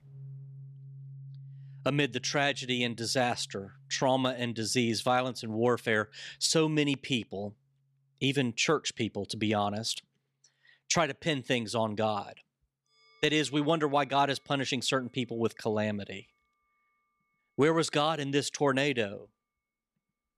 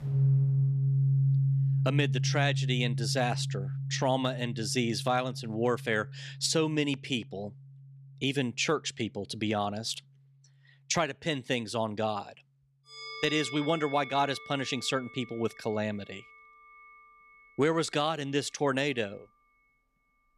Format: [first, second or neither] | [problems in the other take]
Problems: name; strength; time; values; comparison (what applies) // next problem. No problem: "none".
first | background music; loud; throughout; 1 dB below the speech; faint in the first